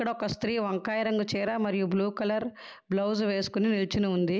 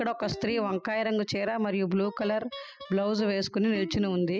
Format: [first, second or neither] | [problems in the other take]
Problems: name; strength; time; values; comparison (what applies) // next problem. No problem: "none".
first | noise reduction (classical method spectral subtraction)